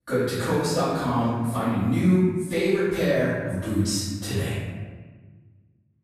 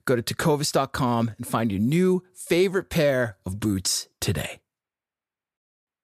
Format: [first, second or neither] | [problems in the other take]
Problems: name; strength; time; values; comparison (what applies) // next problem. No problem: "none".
second | off-mic speech; far // room echo; strong; dies away in 1.4 s